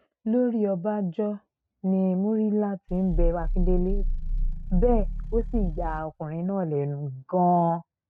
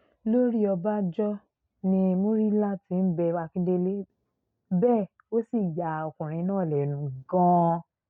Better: second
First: noise reduction (neural mask model RNNoise)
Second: none

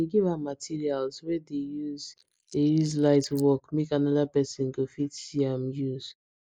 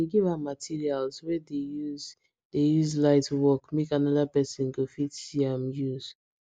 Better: second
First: noise reduction (neural mask model Resemble Enhance denoiser)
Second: none

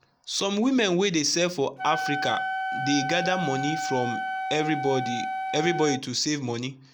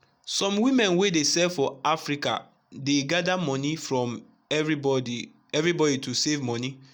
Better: second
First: background sound (Wind instrument, woodwind instrument); 5 dB below the speech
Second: none

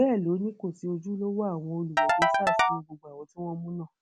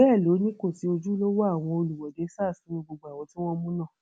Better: second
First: background sound (Ringtone / Keyboard (musical)); 4 dB above the speech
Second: none

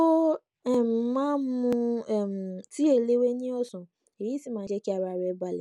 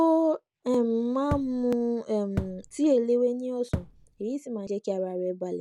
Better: first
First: none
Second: background sound (Thump, thud); 8 dB below the speech

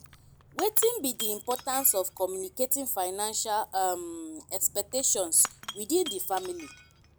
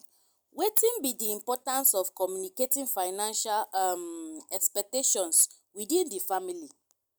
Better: second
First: background sound (Shatter / Crushing); 17 dB below the speech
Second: none

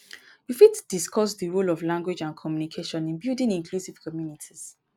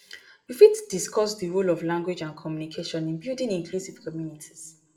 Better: first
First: none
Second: room echo; dies away in 0.5 s

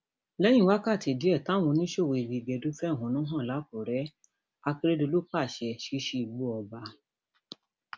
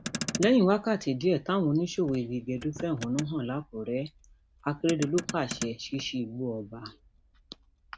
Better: first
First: none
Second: background sound (Motor vehicle (road)); 13 dB below the speech

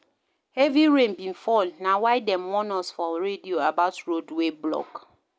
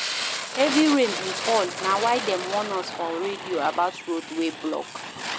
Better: first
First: none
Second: background sound (Fire); 6 dB below the speech

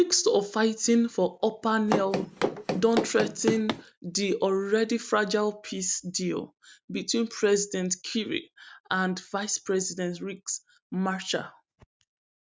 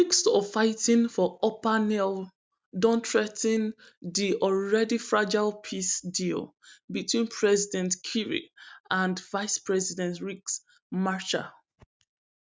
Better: second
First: background sound (Run); 2 dB below the speech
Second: none

